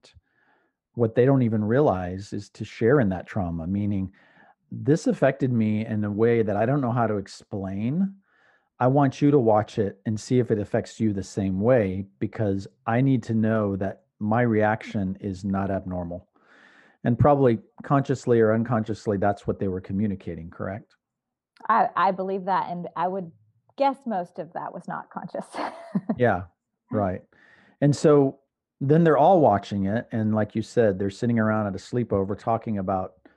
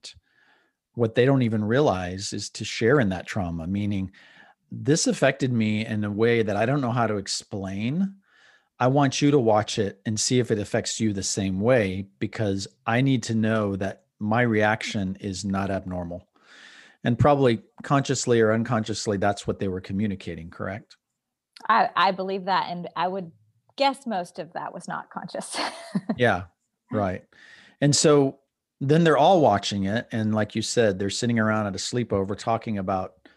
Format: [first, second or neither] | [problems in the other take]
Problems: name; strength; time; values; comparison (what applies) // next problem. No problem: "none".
second | muffled; very; fading above 2 kHz